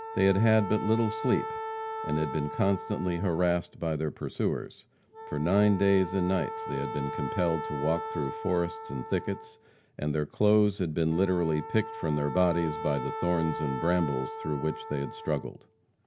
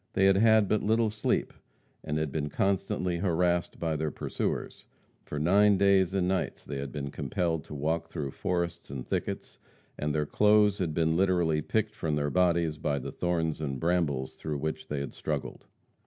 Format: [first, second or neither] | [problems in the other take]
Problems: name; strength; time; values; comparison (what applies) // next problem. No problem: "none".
second | background sound (Wind instrument, woodwind instrument); 10 dB below the speech